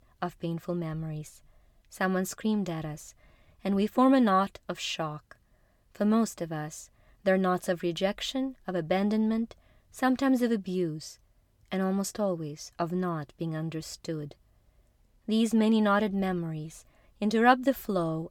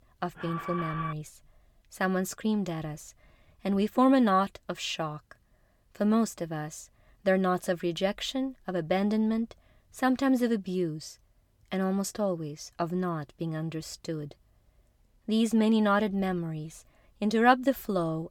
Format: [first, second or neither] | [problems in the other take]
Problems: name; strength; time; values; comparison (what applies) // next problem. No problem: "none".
first | alarm; noticeable; at 0.5 s; peak 6 dB below the speech